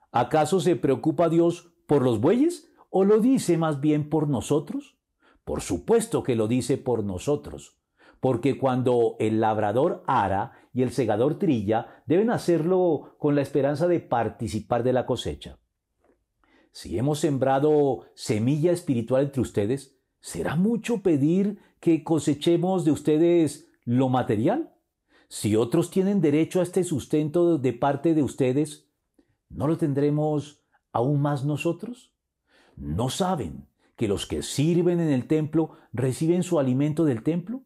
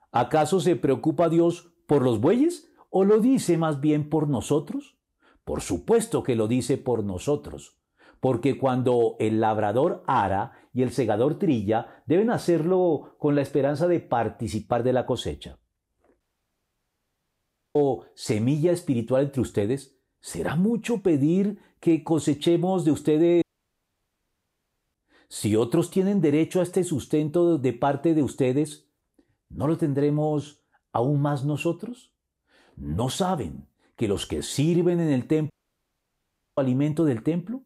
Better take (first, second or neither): first